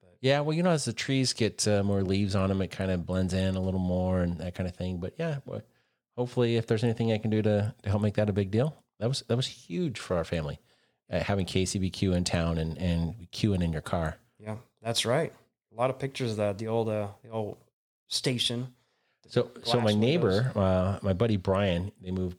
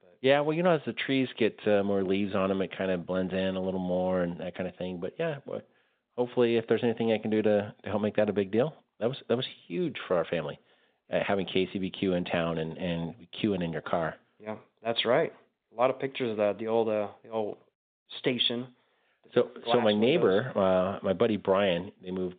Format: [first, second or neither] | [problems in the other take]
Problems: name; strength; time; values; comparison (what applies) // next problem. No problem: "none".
first | phone-call audio; nothing above 3.5 kHz